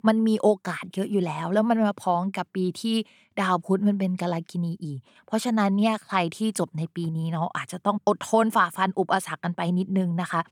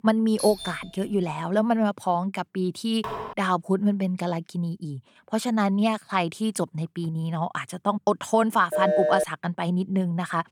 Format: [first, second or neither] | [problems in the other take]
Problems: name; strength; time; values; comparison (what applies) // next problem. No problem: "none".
first | doorbell; noticeable; at 0.5 s; peak 7 dB below the speech // clattering dishes; noticeable; at 3 s; peak 8 dB below the speech // phone ringing; loud; at 8.5 s; peak 3 dB above the speech